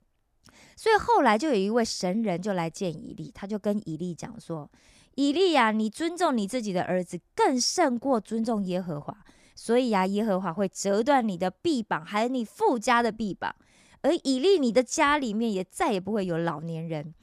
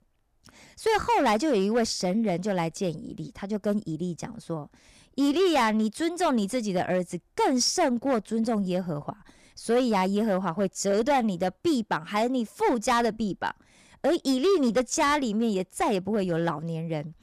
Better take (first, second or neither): first